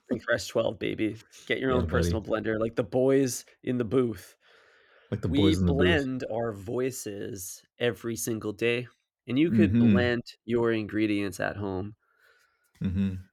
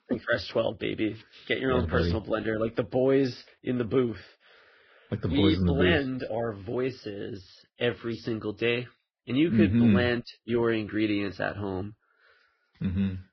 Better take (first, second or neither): first